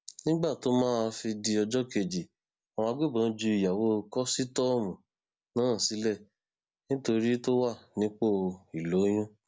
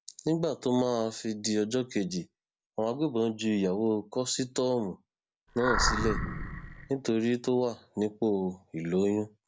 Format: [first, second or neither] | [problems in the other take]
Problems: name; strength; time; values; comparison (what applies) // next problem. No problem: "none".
first | background sound (Animal); 1 dB below the speech